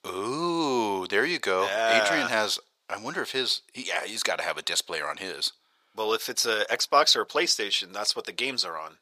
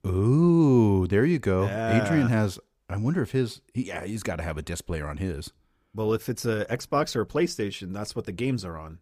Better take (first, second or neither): second